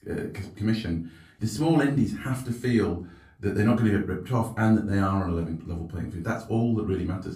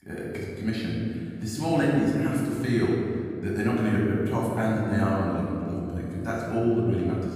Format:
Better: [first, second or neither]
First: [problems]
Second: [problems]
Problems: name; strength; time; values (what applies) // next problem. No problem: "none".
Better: first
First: room echo; slight; dies away in 0.3 s // off-mic speech; far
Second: room echo; strong; dies away in 2.2 s // off-mic speech; far